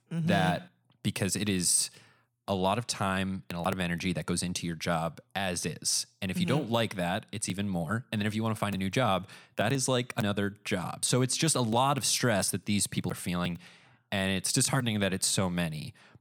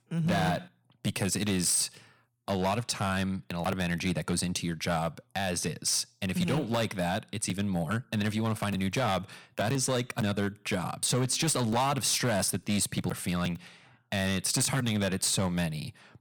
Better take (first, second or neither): first